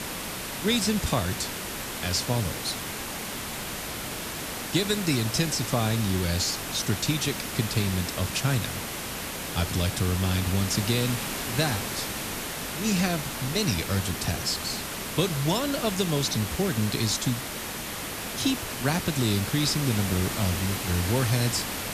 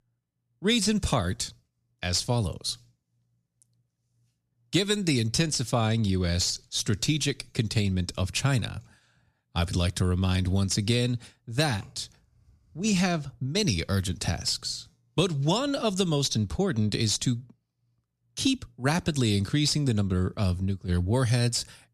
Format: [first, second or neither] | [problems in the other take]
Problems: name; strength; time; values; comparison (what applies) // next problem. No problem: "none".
second | hiss; loud; throughout; 4 dB below the speech